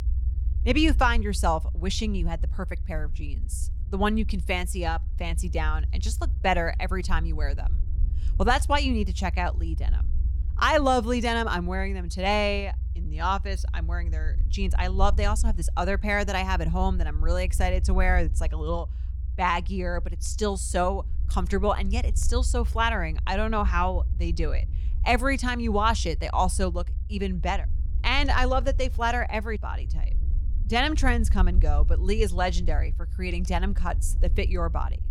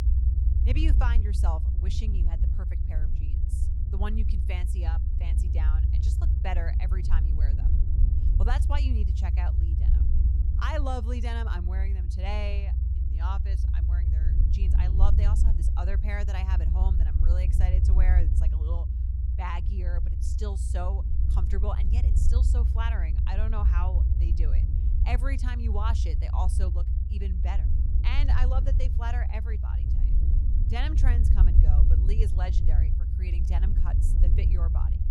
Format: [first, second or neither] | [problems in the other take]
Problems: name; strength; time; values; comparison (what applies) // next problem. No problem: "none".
first | low rumble; loud; throughout; 5 dB below the speech; faint in the first